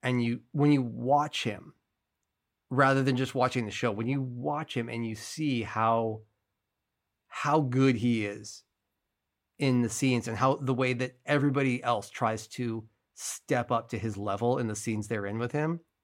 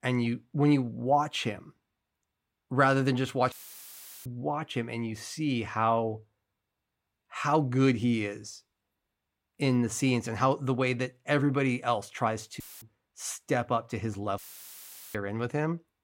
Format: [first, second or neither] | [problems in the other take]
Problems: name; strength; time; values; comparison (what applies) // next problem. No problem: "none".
first | audio cutting out; filled with static; at 3.5 s for 0.5 s, at 13 s and at 14 s for 1 s